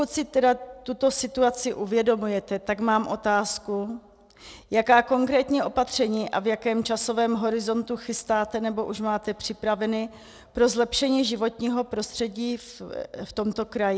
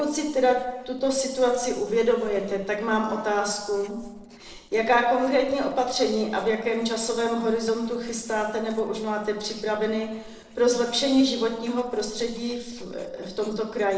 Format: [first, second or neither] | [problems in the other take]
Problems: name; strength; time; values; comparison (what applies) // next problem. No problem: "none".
first | noise reduction (neural separator model SepFormer DNS4)